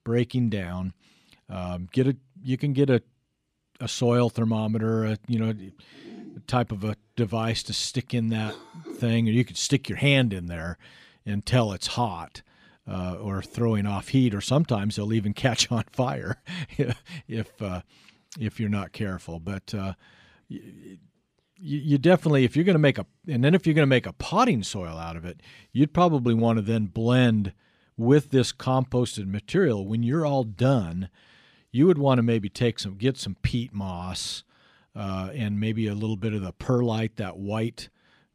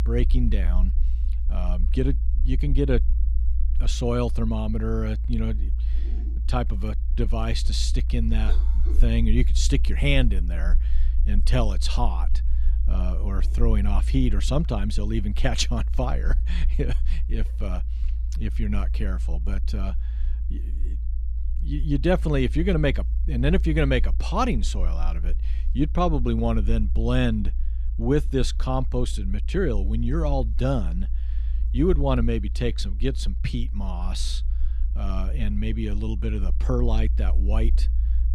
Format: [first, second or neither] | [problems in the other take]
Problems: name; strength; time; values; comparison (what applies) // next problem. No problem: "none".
first | low rumble; noticeable; throughout; 20 dB below the speech